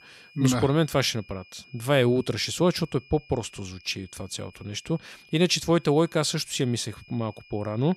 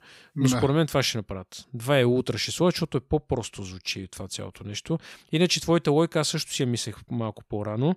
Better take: second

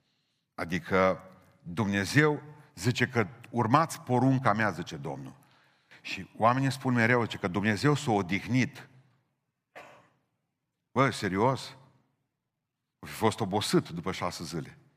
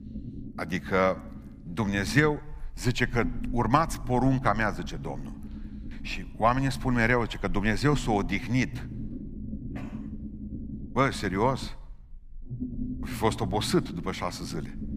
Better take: first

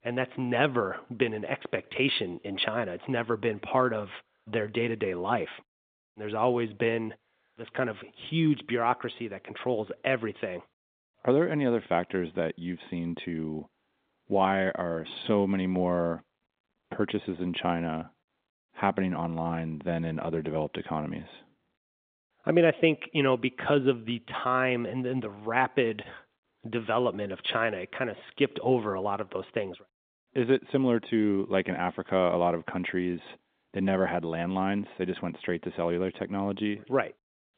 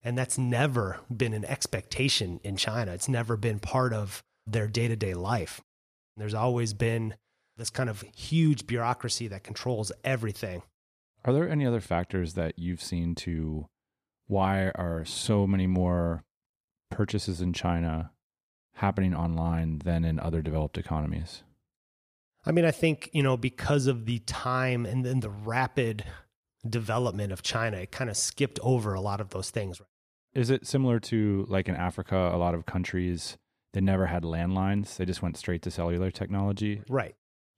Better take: second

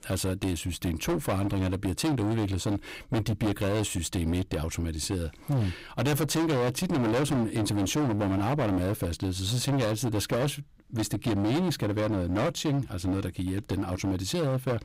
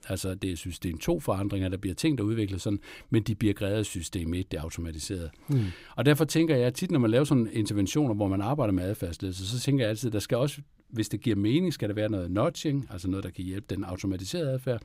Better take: second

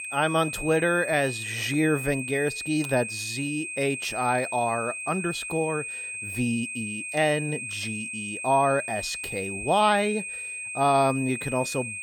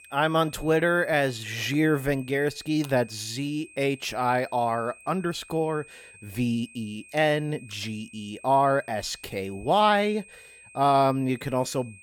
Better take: second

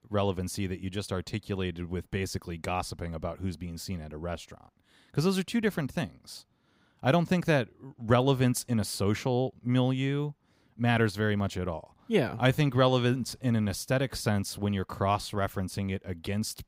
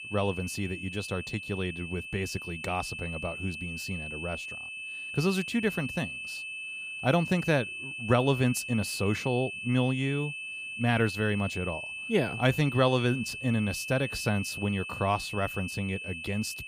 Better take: first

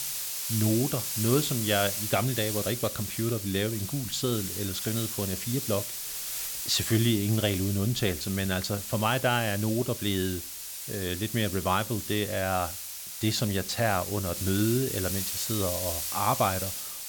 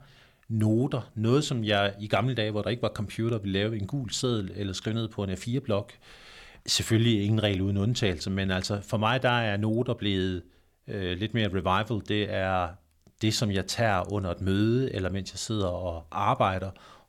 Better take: second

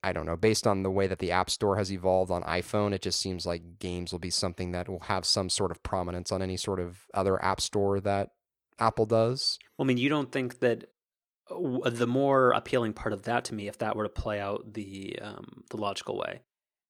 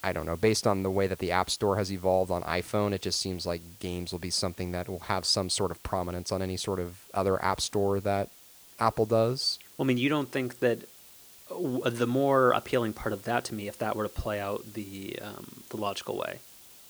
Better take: first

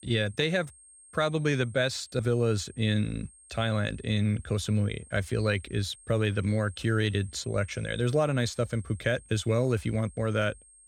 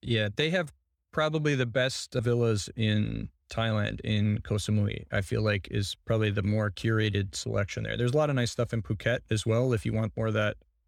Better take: second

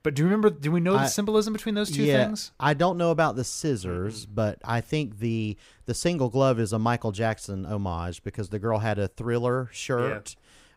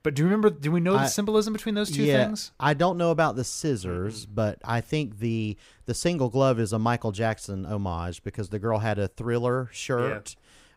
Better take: neither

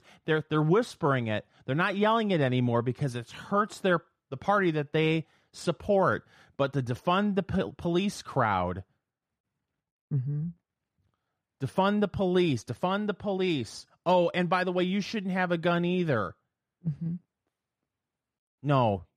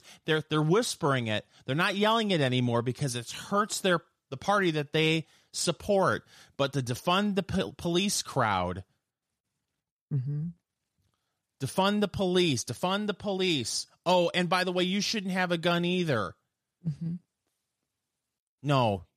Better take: second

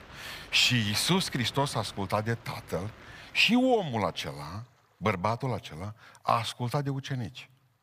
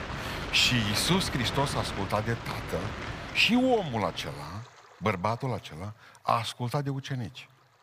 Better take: first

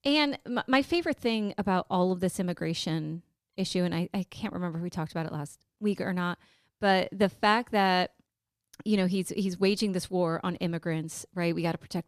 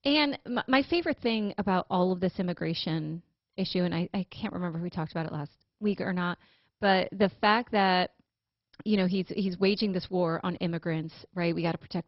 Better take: first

